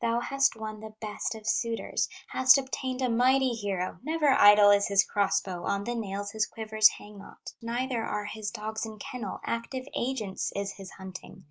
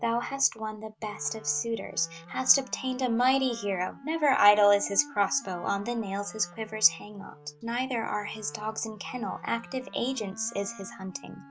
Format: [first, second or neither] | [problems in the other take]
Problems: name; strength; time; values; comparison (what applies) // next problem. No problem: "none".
first | background sound (Wind instrument, woodwind instrument); 20 dB below the speech